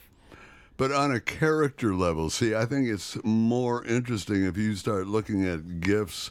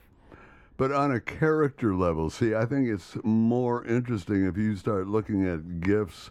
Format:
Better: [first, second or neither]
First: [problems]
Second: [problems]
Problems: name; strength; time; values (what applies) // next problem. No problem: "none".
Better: first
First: none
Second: muffled; slightly; fading above 2.5 kHz